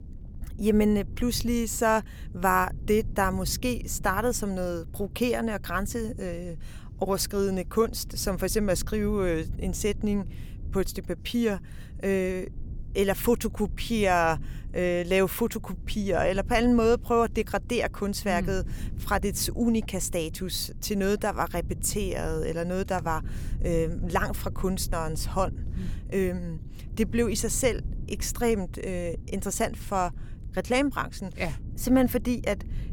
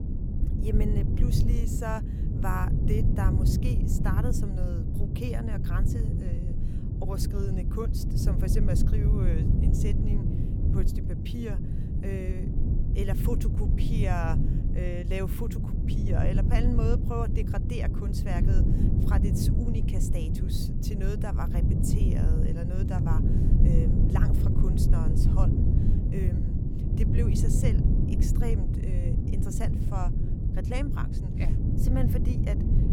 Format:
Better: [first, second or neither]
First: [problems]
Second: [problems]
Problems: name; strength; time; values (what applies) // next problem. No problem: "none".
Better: first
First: low rumble; faint; throughout; 25 dB below the speech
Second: low rumble; loud; throughout; as loud as the speech